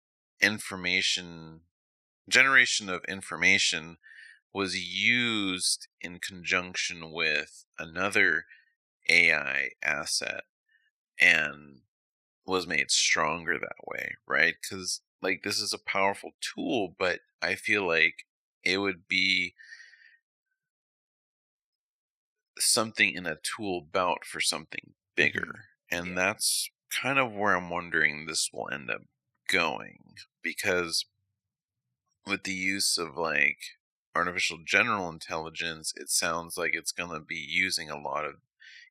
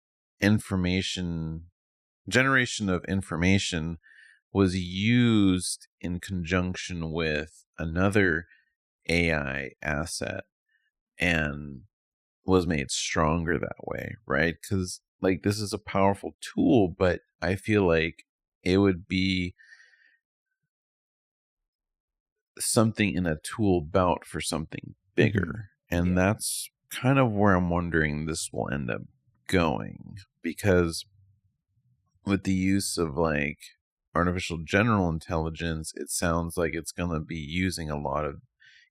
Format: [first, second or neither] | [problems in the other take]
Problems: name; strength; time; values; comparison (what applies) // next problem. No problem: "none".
second | thin; somewhat; fading below 1 kHz